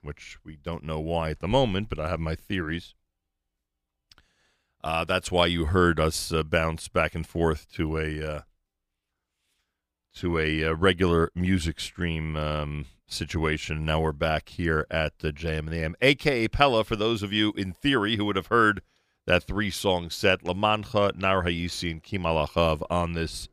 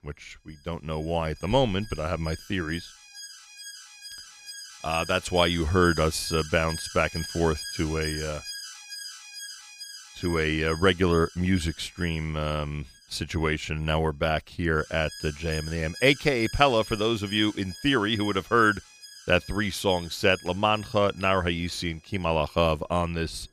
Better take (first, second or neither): first